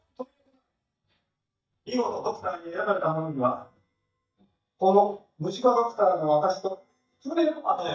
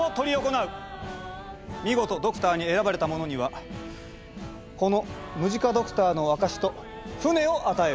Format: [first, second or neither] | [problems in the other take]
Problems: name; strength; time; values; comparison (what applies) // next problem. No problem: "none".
second | noise reduction (neural mask model DeepFilterNet 3)